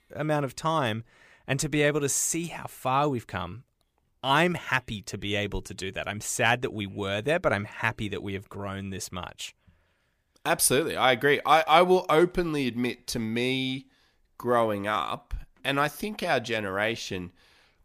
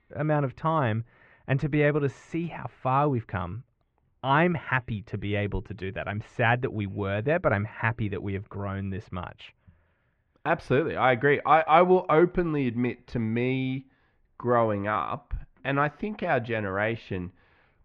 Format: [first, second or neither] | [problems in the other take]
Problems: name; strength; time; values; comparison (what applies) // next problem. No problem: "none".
first | muffled; very; fading above 2 kHz